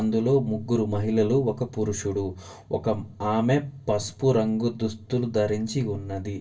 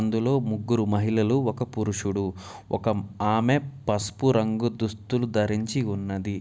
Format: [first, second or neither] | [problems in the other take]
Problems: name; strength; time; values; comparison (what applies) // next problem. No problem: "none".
second | room echo; dies away in 0.1 s